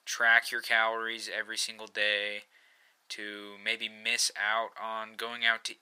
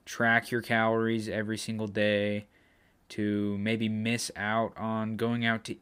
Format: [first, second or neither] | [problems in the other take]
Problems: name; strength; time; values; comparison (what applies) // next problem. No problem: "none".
second | thin; very; fading below 950 Hz